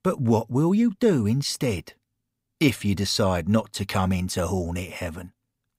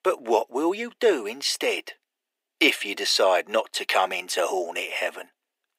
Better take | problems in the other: first | thin; very; fading below 350 Hz

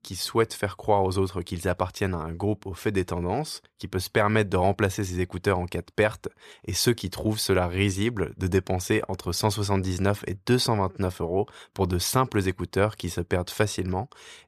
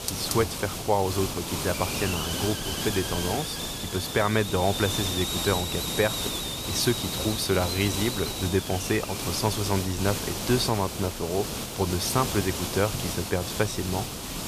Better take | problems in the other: first | hiss; loud; throughout; 2 dB below the speech

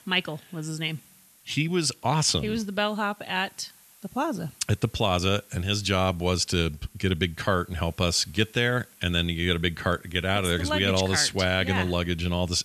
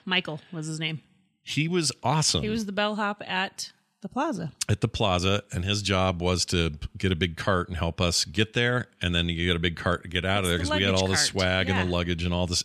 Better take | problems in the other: second | hiss; faint; throughout; 25 dB below the speech

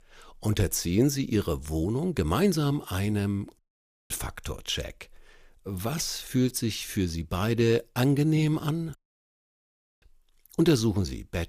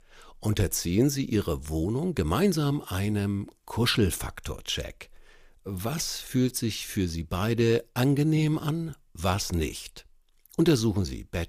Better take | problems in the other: second | audio cutting out; at 3.5 s for 0.5 s and at 9 s for 1 s

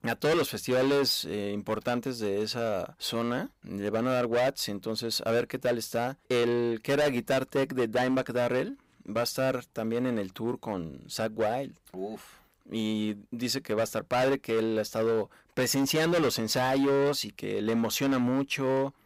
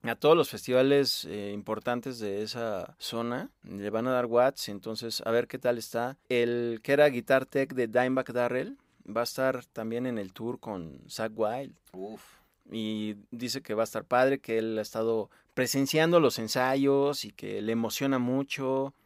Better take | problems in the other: second | distortion; heavy; 12% of the sound clipped

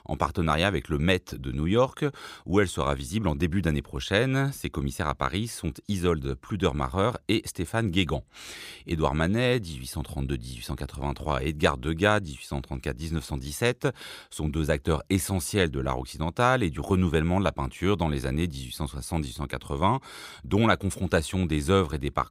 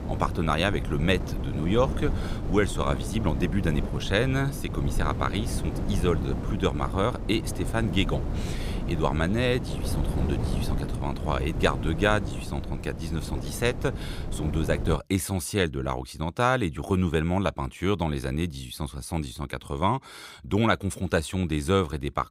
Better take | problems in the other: first | wind noise on the microphone; occasional gusts; until 15 s; 10 dB below the speech

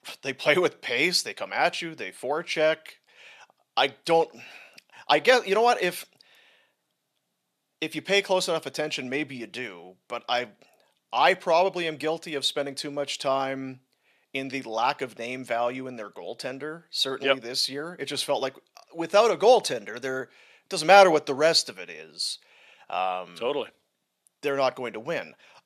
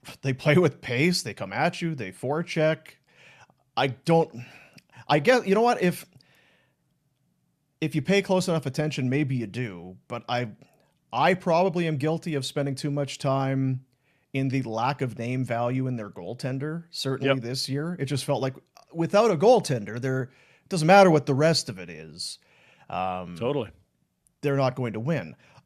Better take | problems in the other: second | thin; somewhat; fading below 450 Hz

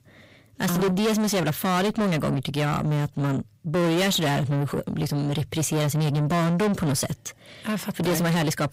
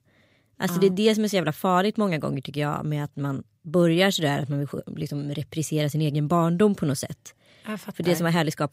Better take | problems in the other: second | distortion; heavy; 6 dB below the speech

